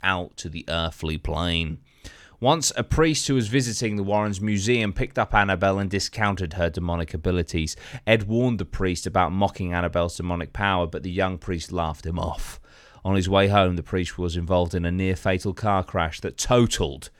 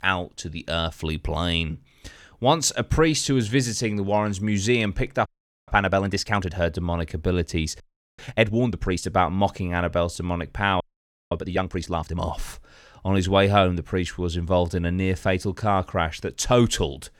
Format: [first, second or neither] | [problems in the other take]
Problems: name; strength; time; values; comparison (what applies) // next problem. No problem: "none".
first | audio freezing; at 5.5 s, at 8 s and at 11 s for 0.5 s